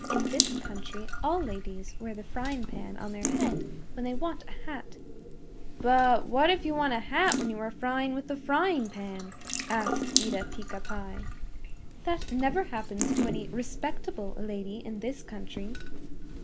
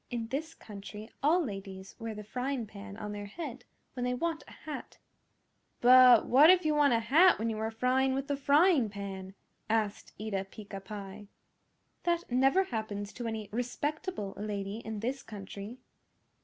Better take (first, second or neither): second